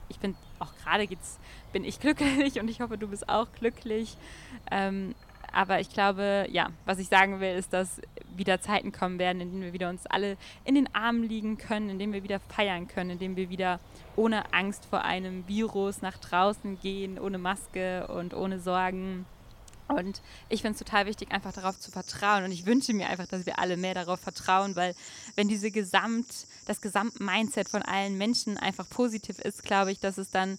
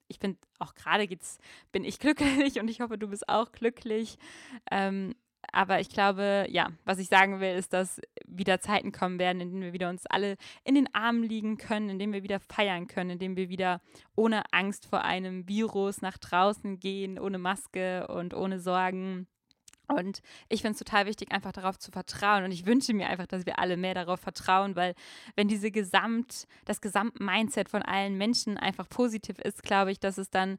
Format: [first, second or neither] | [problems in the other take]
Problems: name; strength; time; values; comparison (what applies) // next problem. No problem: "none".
second | animal sounds; noticeable; throughout; 20 dB below the speech